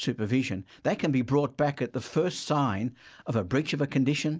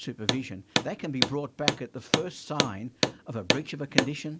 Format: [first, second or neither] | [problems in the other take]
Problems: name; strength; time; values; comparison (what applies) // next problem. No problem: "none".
first | background sound (Hammer); 4 dB above the speech